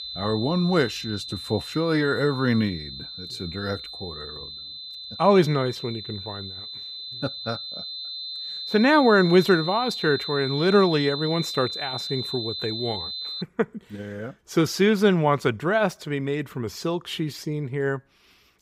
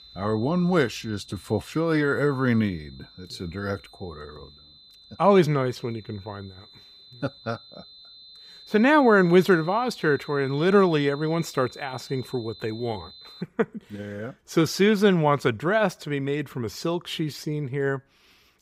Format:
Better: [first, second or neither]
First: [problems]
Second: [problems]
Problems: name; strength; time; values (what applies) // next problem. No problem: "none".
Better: second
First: high-pitched whine; loud; until 13 s; 4 kHz, 8 dB below the speech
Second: high-pitched whine; faint; until 13 s; 4 kHz, 20 dB below the speech